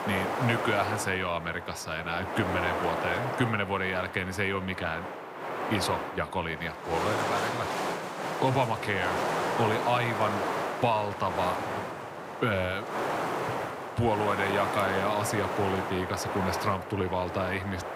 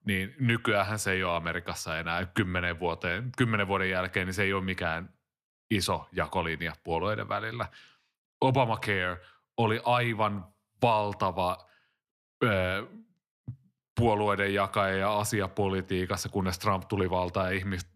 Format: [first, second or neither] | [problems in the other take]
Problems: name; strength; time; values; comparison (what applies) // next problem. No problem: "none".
second | wind noise on the microphone; heavy; 2 dB below the speech